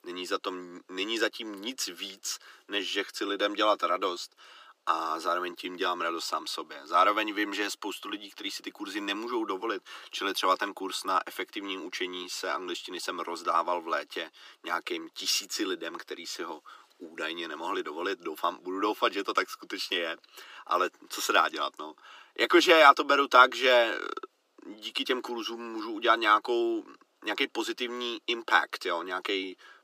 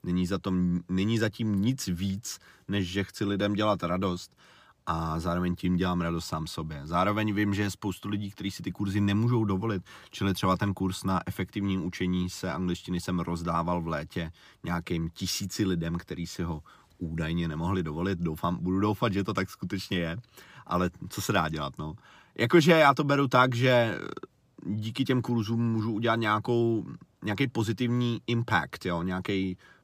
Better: second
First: thin; very; fading below 350 Hz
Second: none

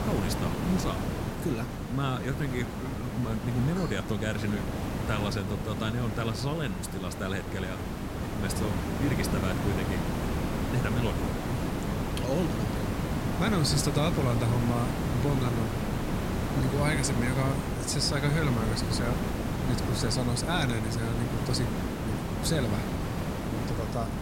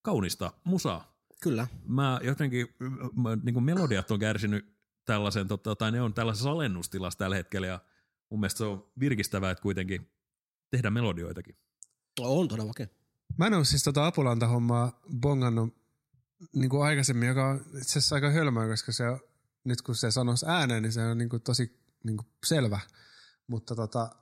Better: second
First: hiss; loud; throughout; as loud as the speech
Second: none

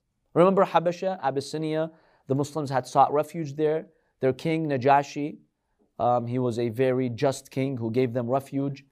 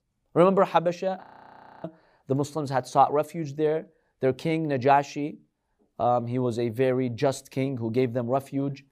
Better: first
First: none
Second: audio freezing; at 1 s for 0.5 s

